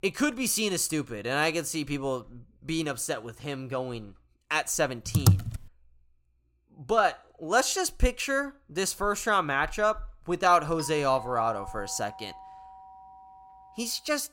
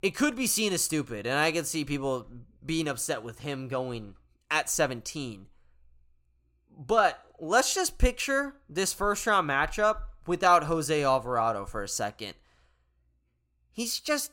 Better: second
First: keyboard typing; loud; at 5 s; peak 5 dB above the speech // doorbell; faint; from 11 s on; peak 15 dB below the speech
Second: none

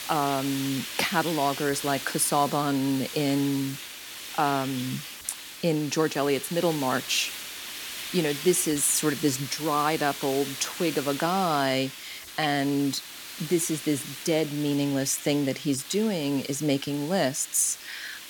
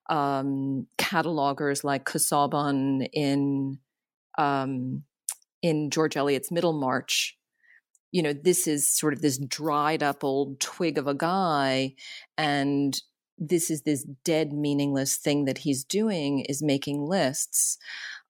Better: second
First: hiss; loud; throughout; 9 dB below the speech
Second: none

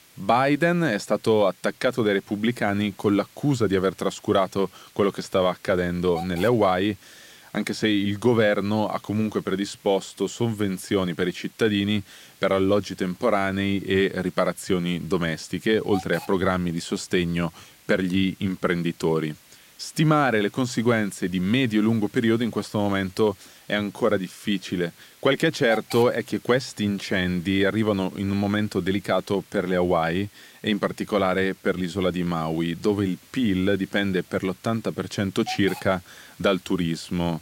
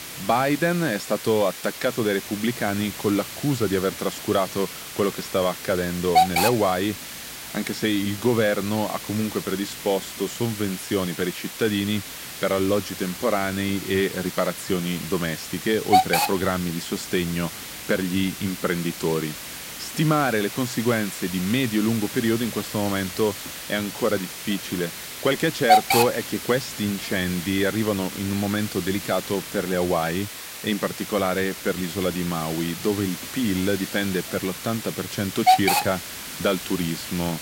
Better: first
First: hiss; faint; throughout; 25 dB below the speech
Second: hiss; loud; throughout; 4 dB below the speech

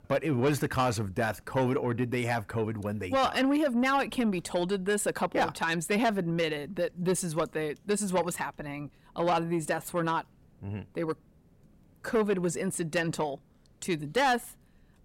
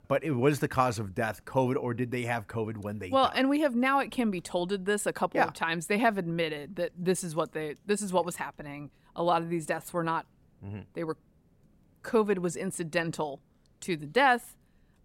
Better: second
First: distortion; slight; 10 dB below the speech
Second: none

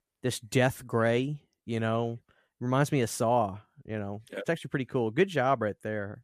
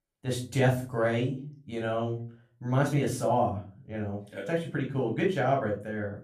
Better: first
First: none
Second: off-mic speech; far // room echo; slight; dies away in 0.4 s

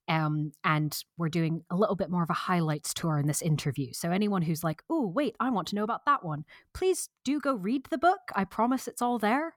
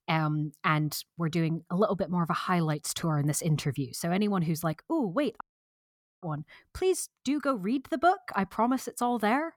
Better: first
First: none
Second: audio cutting out; at 5.5 s for 1 s

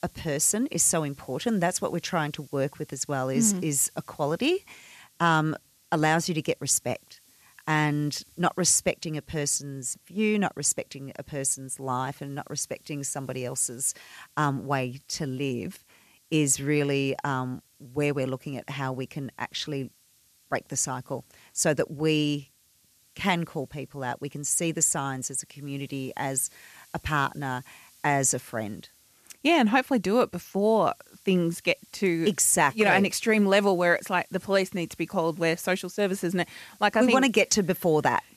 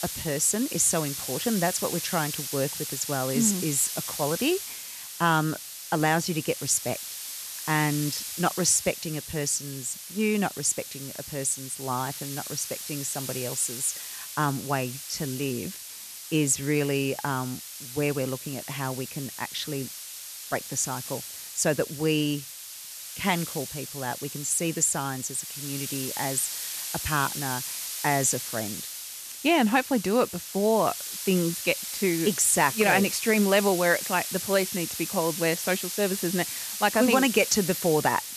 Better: first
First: hiss; faint; throughout; 30 dB below the speech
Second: hiss; loud; throughout; 7 dB below the speech

